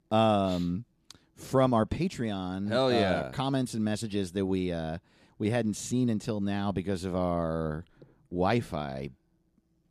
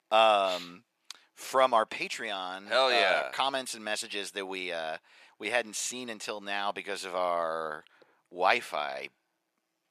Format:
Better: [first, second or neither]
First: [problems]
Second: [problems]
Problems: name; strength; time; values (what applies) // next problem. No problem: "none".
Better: first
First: none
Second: thin; very; fading below 850 Hz